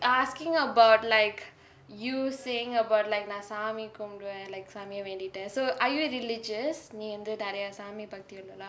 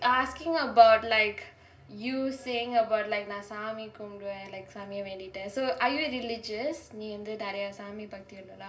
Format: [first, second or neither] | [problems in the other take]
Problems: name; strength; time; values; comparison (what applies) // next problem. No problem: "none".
first | room echo; dies away in 0.3 s